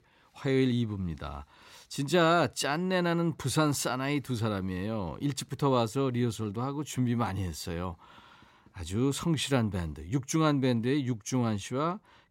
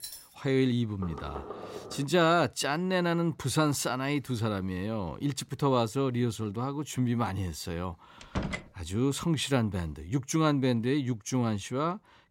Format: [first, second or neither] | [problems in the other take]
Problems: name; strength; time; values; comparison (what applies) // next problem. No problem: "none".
first | jangling keys; faint; at the start; peak 10 dB below the speech // door banging; faint; from 1 to 2 s; peak 10 dB below the speech // door banging; noticeable; at 8 s; peak 5 dB below the speech